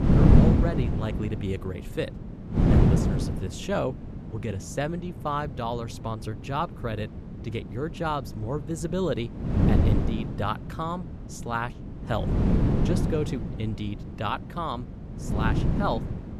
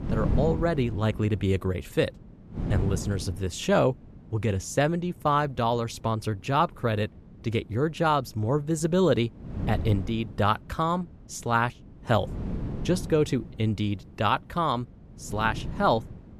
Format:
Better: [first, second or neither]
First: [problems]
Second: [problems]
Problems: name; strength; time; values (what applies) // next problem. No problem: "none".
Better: second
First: wind noise on the microphone; heavy; as loud as the speech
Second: wind noise on the microphone; occasional gusts; 15 dB below the speech